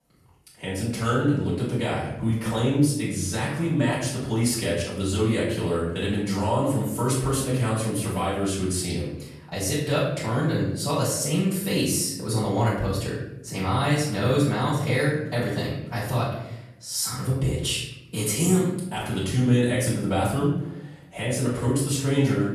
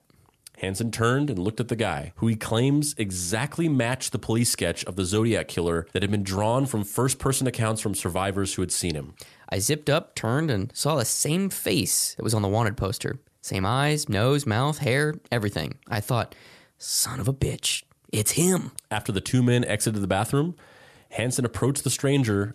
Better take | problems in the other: second | off-mic speech; far // room echo; noticeable; dies away in 0.8 s

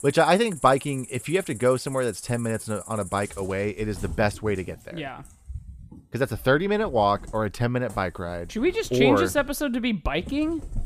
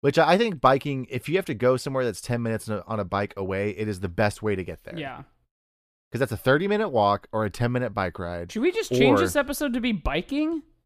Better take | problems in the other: second | animal sounds; noticeable; throughout; 15 dB below the speech

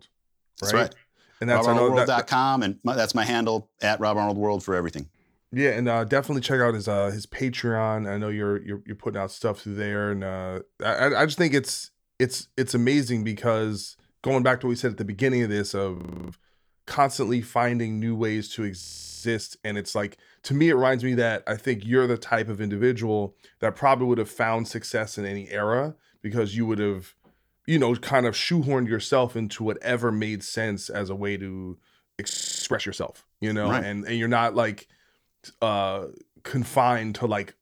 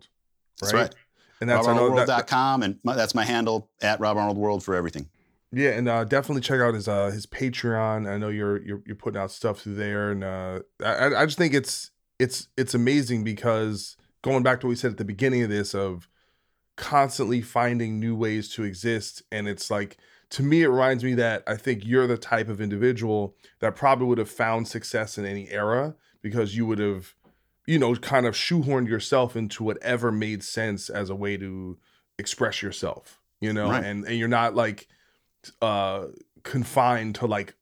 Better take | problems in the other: second | audio freezing; at 16 s, at 19 s and at 32 s

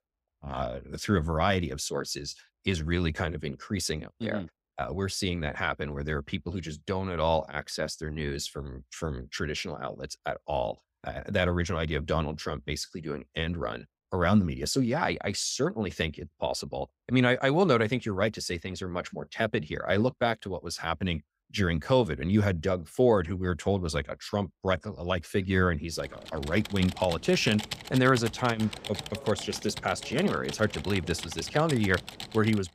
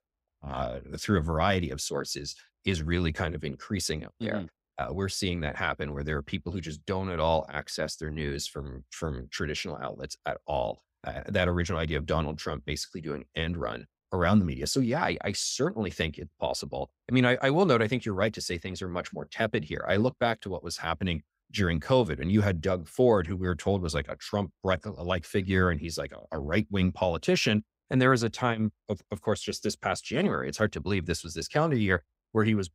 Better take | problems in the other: second | keyboard typing; noticeable; from 26 s on; peak 6 dB below the speech

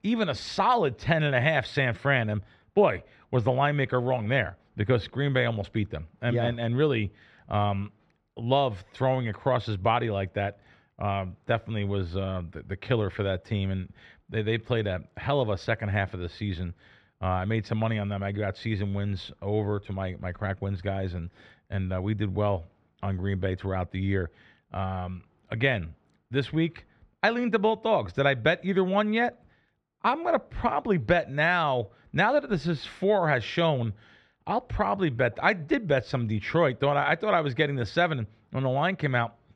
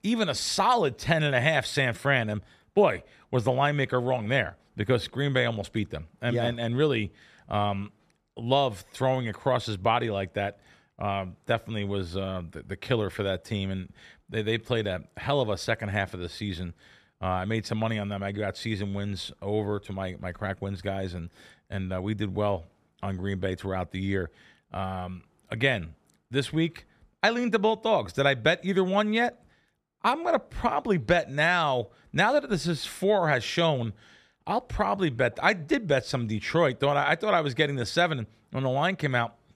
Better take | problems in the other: second | muffled; very slightly; fading above 3.5 kHz

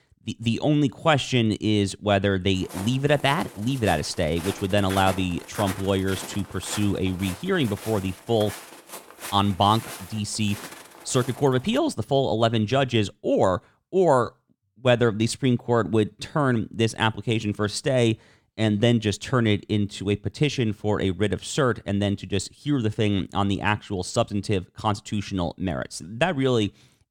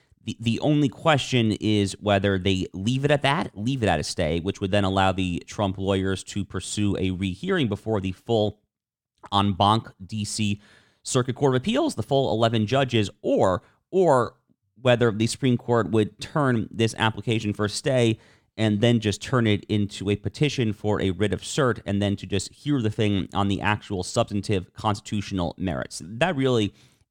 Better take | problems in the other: second | footsteps; noticeable; from 2.5 to 12 s; peak 9 dB below the speech

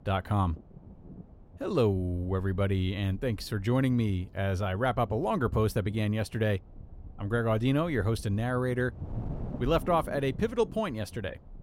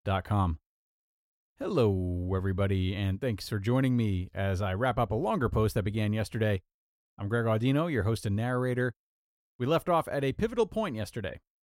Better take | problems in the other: second | wind noise on the microphone; occasional gusts; 20 dB below the speech

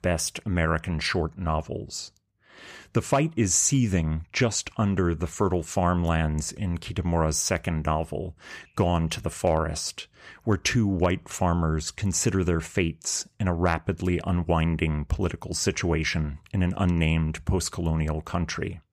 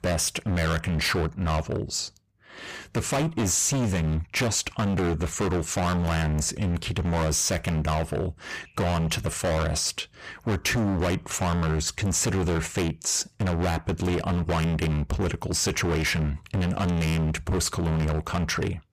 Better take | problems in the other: first | distortion; heavy; 30% of the sound clipped

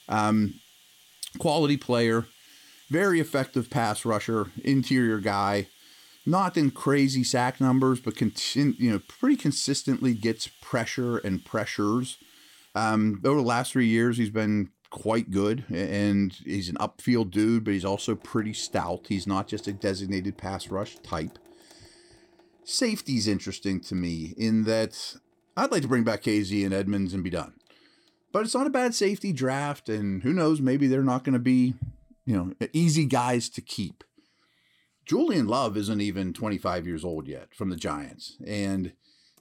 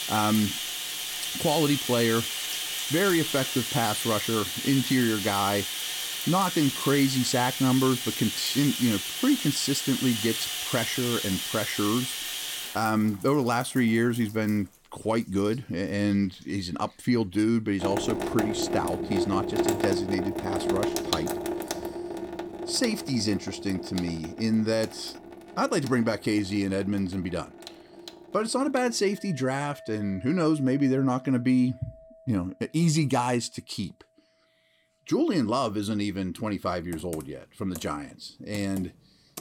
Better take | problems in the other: first | household noises; loud; throughout; 3 dB below the speech; faint in the first

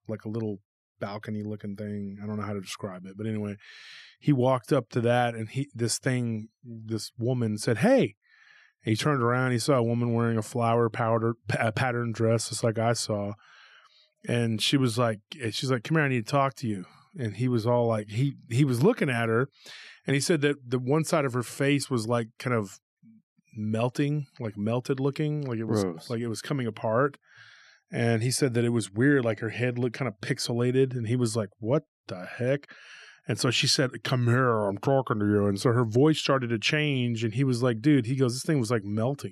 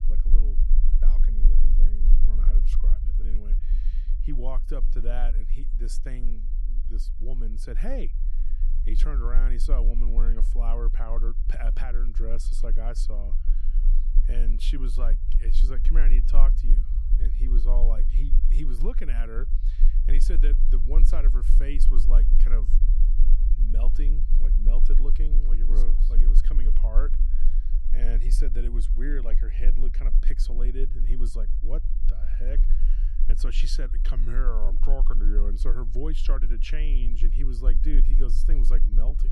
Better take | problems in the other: first | low rumble; noticeable; throughout; 10 dB below the speech

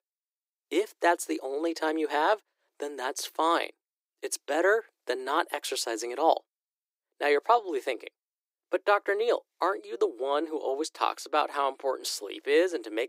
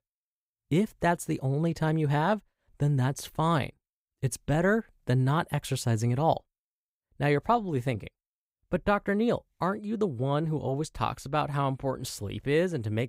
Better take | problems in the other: second | thin; very; fading below 300 Hz

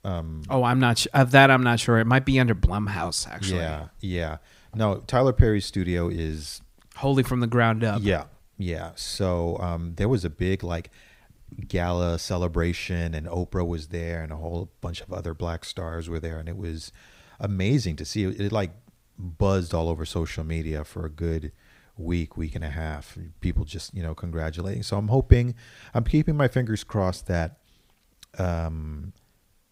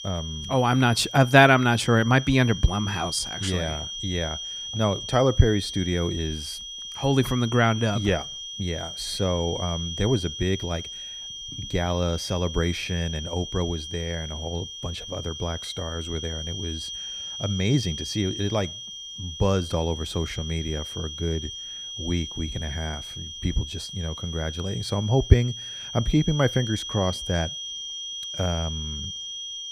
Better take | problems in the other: first | high-pitched whine; loud; throughout; 3 kHz, 8 dB below the speech

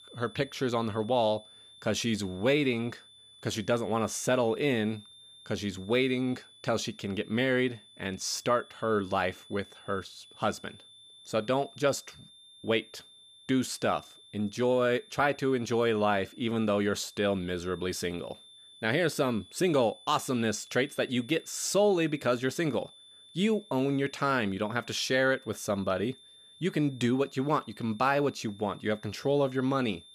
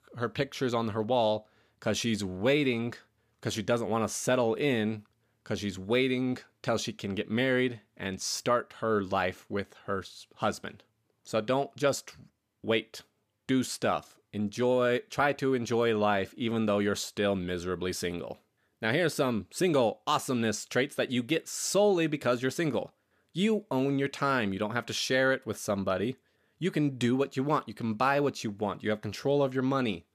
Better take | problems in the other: second | high-pitched whine; faint; throughout; 3.5 kHz, 20 dB below the speech

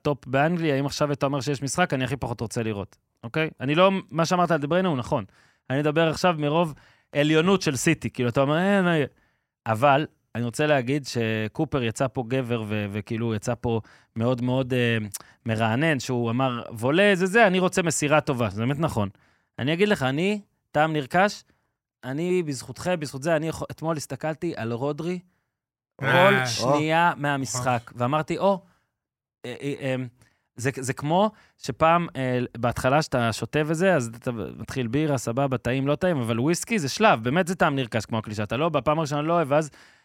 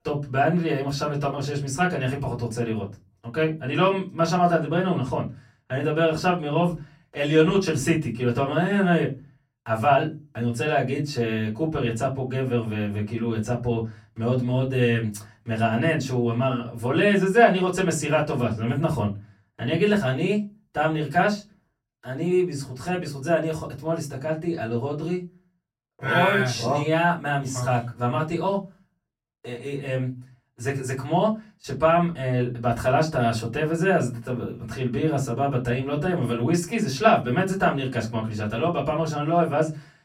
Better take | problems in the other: first | off-mic speech; far // room echo; very slight; dies away in 0.3 s

